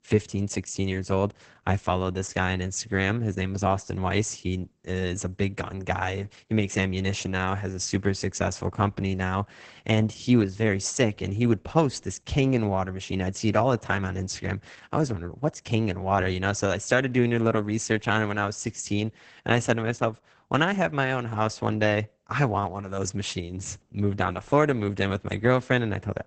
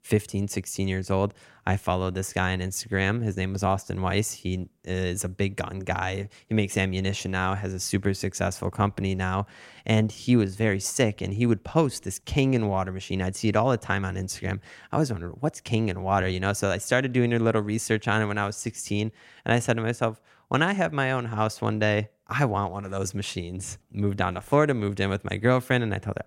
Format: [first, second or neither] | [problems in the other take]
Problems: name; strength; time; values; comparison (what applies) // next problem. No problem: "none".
second | garbled, watery; badly; nothing above 8 kHz